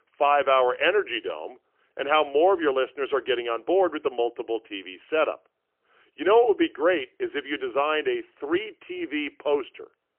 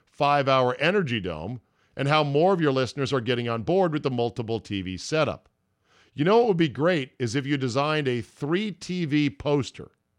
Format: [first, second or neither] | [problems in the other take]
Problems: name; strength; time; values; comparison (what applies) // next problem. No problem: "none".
second | phone-call audio; poor line; nothing above 3 kHz